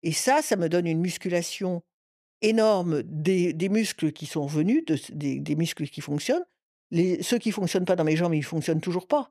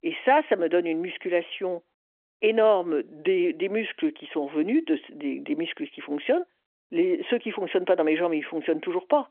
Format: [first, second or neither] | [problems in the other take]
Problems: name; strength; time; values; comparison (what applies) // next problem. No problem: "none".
first | phone-call audio; nothing above 3.5 kHz